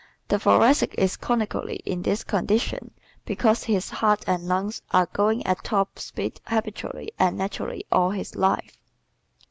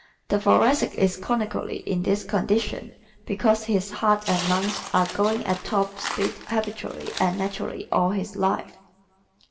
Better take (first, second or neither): first